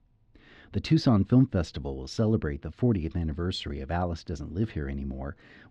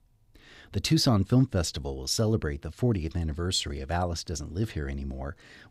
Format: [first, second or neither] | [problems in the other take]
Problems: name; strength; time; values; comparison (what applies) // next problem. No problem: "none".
second | muffled; slightly; fading above 3 kHz